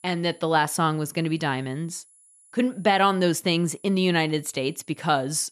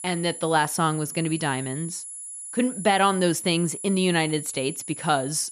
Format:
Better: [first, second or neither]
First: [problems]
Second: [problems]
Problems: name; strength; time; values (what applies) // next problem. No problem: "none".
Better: first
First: high-pitched whine; faint; throughout; 10 kHz, 30 dB below the speech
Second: high-pitched whine; loud; throughout; 10 kHz, 10 dB below the speech